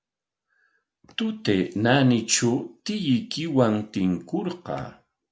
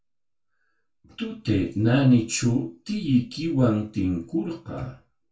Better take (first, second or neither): first